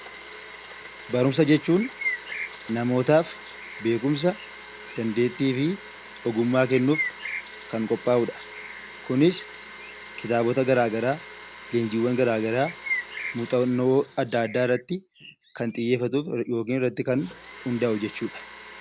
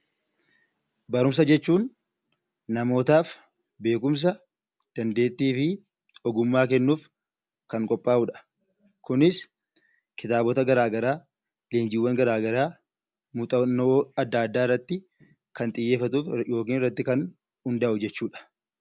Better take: second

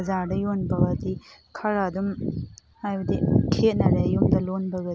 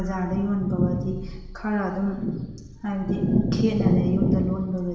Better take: first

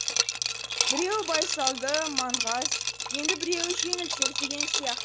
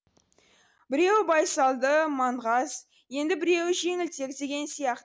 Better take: second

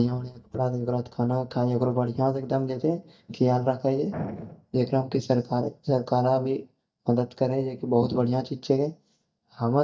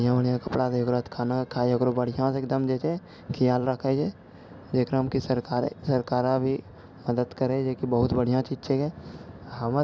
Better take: second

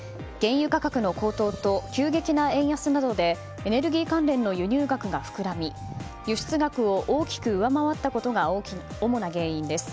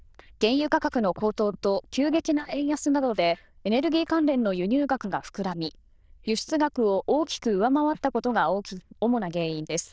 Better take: first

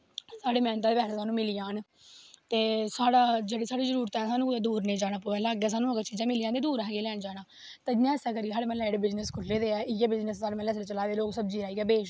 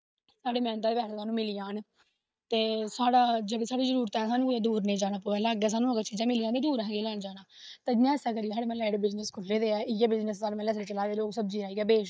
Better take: first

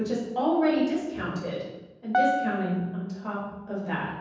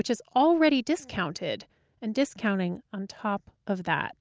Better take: second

